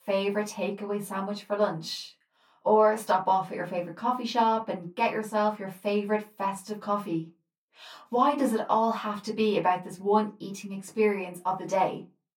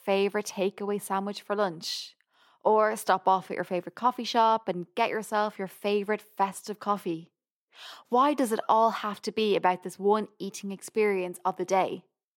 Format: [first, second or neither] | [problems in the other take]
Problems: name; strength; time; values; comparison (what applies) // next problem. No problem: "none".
second | off-mic speech; far // room echo; very slight; dies away in 0.2 s